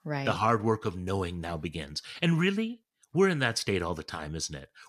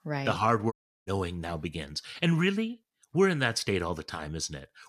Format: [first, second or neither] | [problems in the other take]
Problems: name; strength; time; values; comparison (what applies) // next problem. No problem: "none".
first | audio cutting out; at 0.5 s